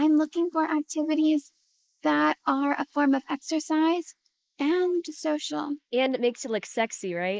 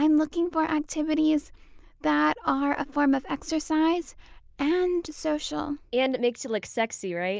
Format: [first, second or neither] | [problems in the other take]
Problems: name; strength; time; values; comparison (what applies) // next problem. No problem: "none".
second | noise reduction (neural mask model Resemble Enhance denoiser)